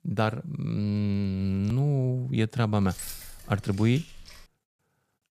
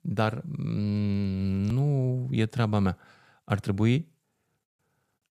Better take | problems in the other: second | jangling keys; noticeable; from 3 to 4.5 s; peak 10 dB below the speech

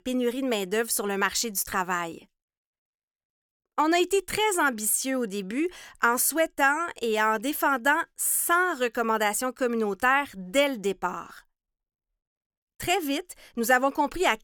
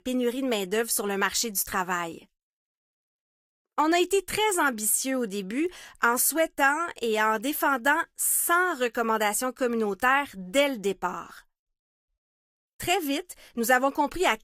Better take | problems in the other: first | garbled, watery; slightly; nothing above 14.5 kHz

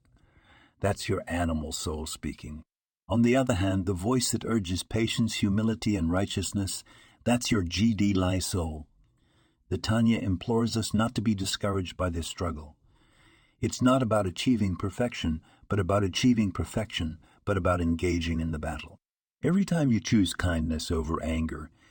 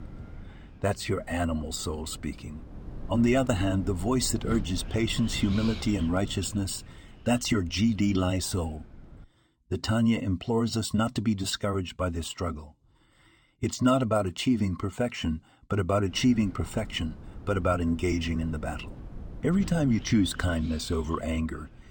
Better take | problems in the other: first | wind noise on the microphone; occasional gusts; until 9 s and from 16 s on; 20 dB below the speech

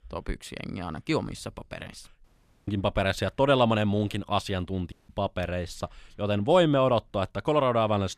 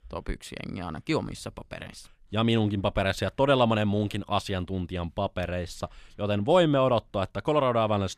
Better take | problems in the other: second | audio cutting out; at 2 s and at 5 s

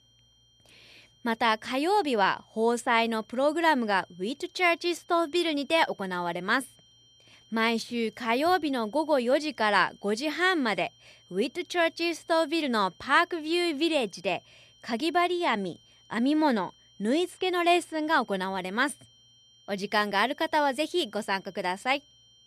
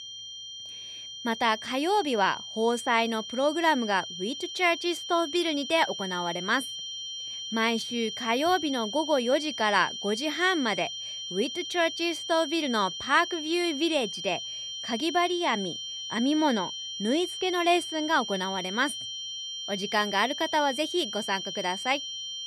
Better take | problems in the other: first | high-pitched whine; loud; throughout; 3 kHz, 7 dB below the speech; faint in the first

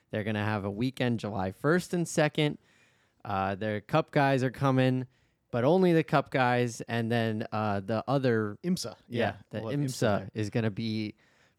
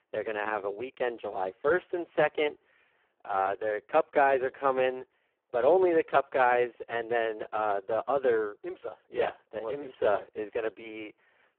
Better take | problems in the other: first | phone-call audio; poor line

